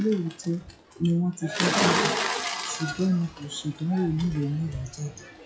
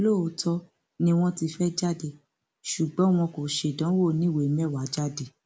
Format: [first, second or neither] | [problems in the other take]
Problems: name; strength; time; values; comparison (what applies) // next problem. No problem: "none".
second | noise reduction (classical method WPE with log-MMSE)